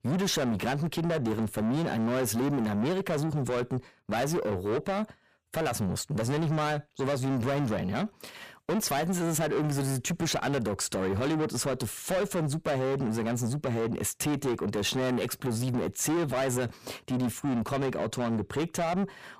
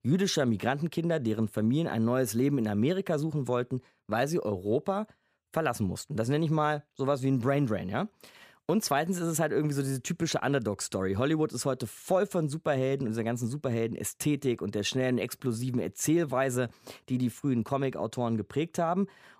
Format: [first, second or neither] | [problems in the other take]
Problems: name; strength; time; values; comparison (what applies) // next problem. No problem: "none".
second | distortion; heavy; 7 dB below the speech